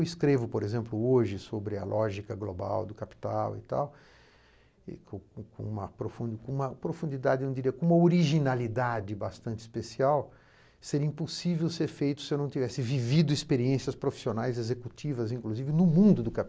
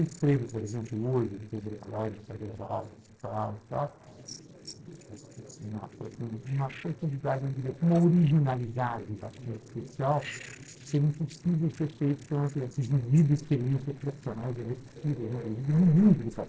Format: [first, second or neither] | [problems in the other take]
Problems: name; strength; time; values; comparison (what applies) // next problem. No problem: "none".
first | noise reduction (neural separator model SepFormer DNS4)